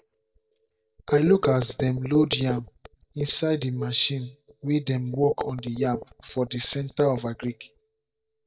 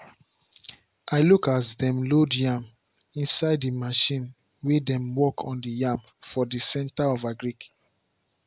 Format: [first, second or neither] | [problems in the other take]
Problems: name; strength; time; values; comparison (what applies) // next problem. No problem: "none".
second | noise reduction (neural mask model DeepFilterNet 3)